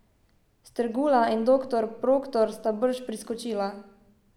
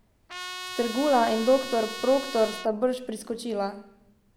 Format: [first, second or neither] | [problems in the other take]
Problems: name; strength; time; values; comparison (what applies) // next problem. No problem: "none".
first | background sound (Trumpet); 10 dB below the speech